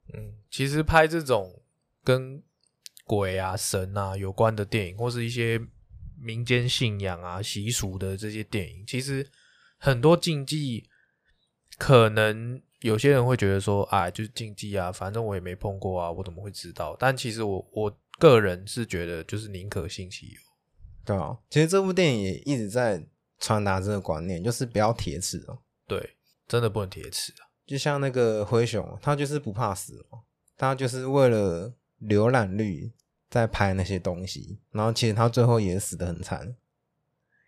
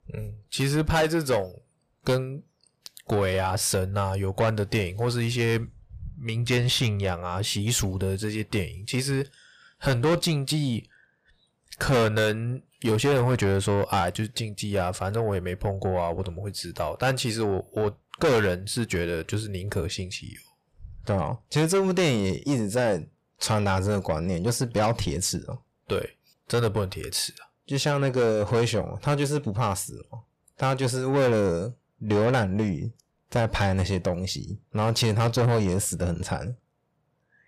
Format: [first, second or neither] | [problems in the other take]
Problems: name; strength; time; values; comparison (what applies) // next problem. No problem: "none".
first | distortion; heavy; 7 dB below the speech